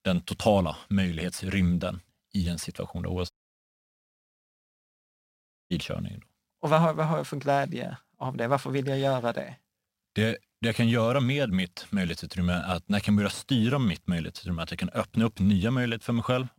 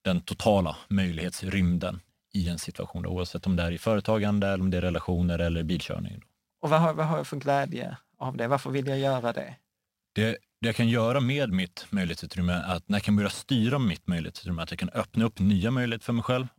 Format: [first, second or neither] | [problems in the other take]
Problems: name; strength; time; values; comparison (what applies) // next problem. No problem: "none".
second | audio cutting out; at 3.5 s for 2.5 s